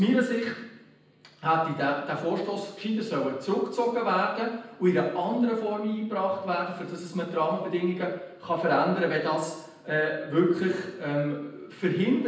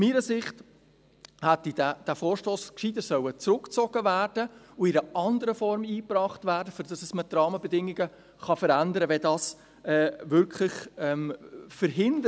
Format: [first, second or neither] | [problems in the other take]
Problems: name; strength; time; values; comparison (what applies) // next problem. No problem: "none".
second | room echo; dies away in 0.8 s